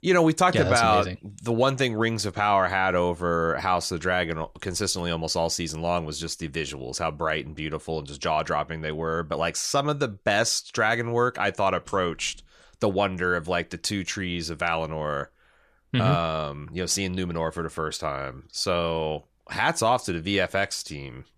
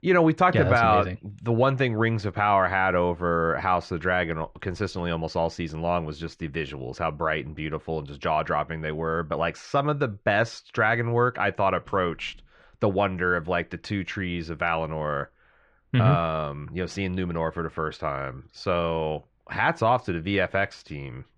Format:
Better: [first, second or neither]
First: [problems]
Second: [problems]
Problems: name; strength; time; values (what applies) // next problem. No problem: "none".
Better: first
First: none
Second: muffled; very; fading above 2 kHz